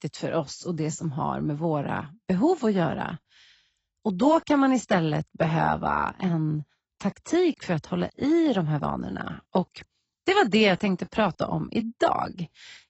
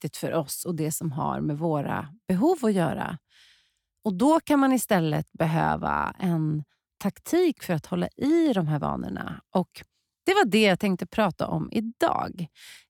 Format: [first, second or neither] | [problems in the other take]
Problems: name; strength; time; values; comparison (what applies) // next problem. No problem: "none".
second | garbled, watery; badly; nothing above 7.5 kHz